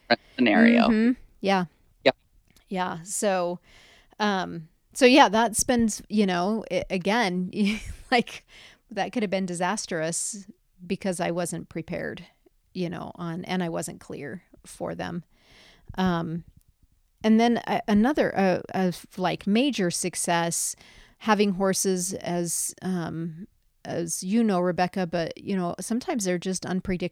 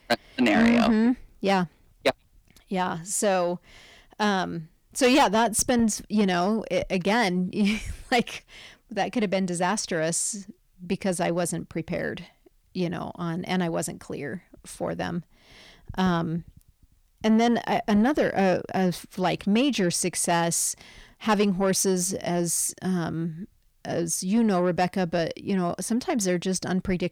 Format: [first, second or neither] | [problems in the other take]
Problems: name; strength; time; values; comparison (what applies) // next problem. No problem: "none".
first | distortion; slight; 10 dB below the speech